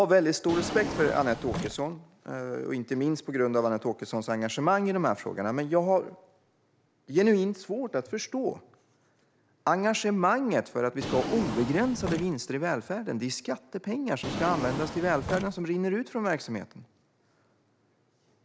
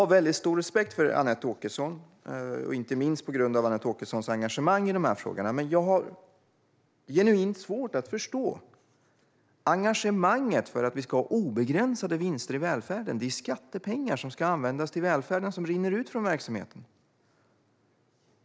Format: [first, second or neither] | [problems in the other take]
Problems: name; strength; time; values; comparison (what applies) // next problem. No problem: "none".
second | background sound (Drawer open or close); 7 dB below the speech